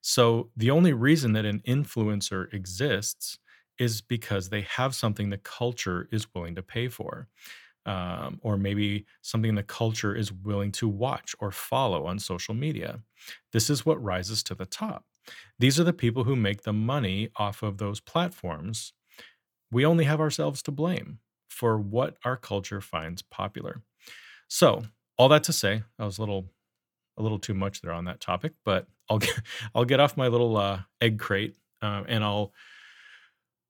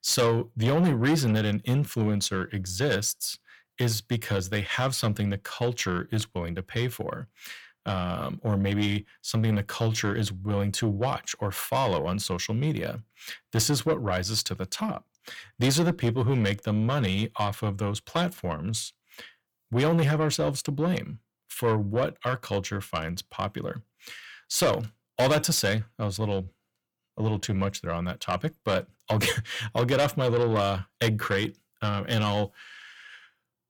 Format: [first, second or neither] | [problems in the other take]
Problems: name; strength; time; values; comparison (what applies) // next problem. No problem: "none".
first | distortion; heavy; 8 dB below the speech